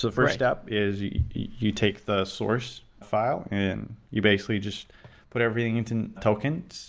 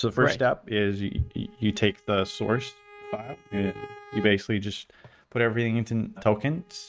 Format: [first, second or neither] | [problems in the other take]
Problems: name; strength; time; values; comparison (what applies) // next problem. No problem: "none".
first | noise reduction (neural mask model RNNoise)